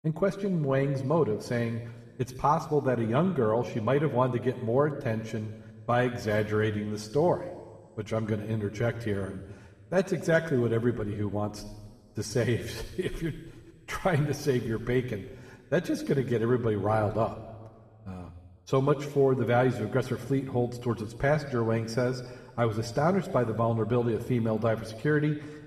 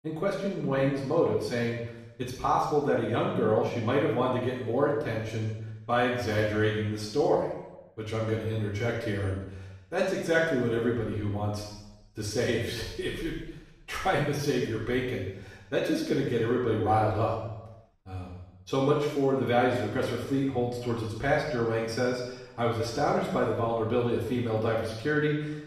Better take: first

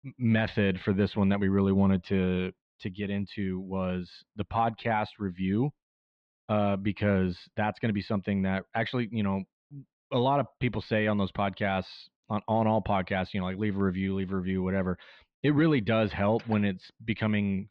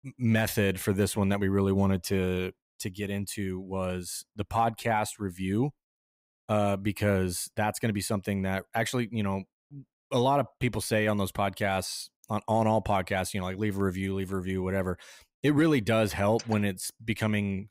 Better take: second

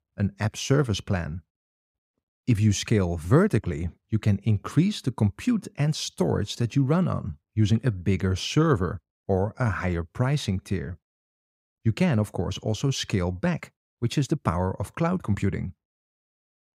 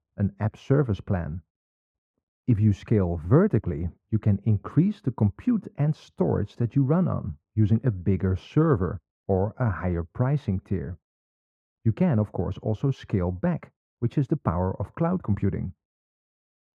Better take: first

